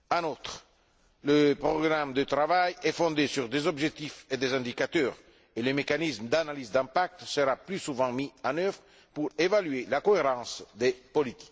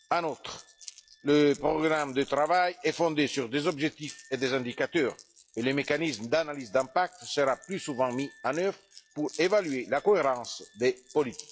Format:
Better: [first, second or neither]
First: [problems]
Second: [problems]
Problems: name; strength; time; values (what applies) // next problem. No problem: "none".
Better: first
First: none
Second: noise reduction (classical method log-MMSE)